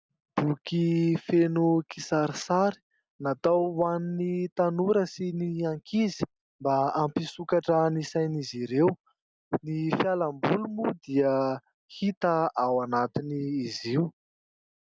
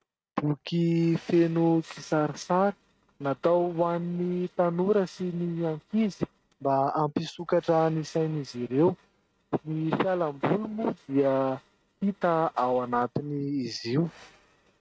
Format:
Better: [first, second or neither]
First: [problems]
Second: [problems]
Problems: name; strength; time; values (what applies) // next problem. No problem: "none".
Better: first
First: none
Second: noise reduction (neural mask model RNNoise)